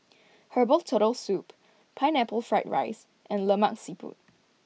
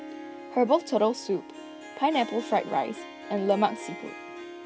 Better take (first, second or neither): first